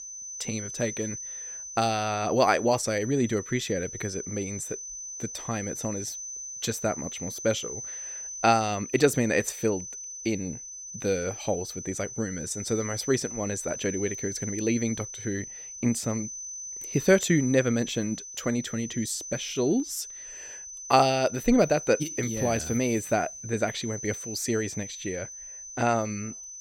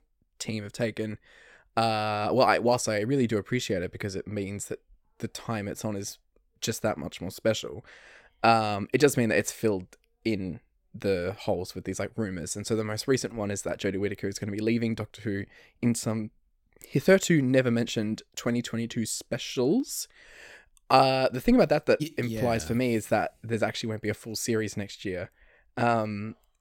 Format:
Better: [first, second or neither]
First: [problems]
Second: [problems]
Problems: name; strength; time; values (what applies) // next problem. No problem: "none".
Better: second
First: high-pitched whine; loud; throughout; 6 kHz, 8 dB below the speech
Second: none